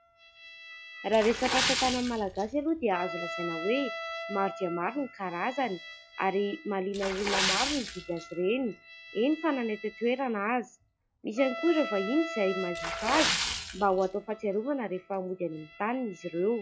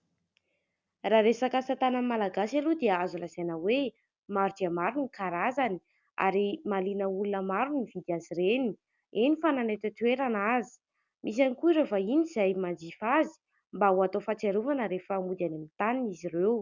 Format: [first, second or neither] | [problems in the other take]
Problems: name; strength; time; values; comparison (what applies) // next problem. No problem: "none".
second | noise reduction (classical method log-MMSE)